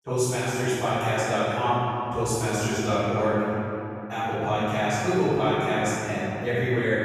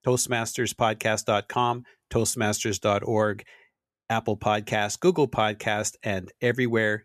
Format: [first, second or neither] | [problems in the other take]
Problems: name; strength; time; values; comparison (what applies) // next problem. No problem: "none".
second | off-mic speech; far // room echo; strong; dies away in 3 s